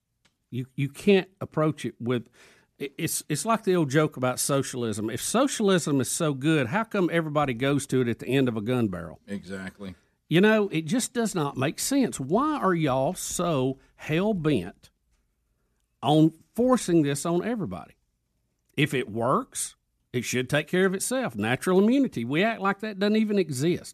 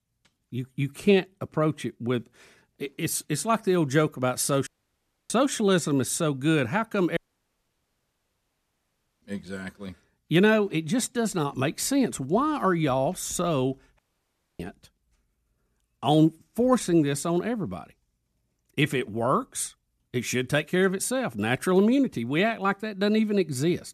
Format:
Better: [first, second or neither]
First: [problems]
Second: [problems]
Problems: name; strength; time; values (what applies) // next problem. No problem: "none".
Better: first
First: none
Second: audio cutting out; at 4.5 s for 0.5 s, at 7 s for 2 s and at 14 s for 0.5 s